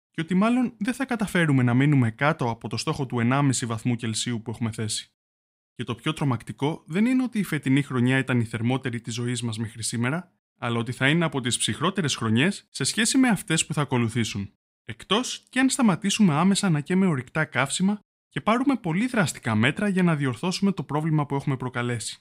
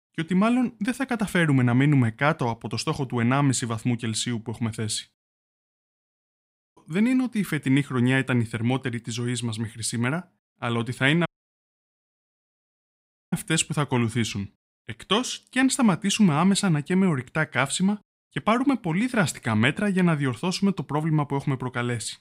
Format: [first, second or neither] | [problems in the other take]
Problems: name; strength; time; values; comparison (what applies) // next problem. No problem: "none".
first | audio cutting out; at 5.5 s for 1 s and at 11 s for 2 s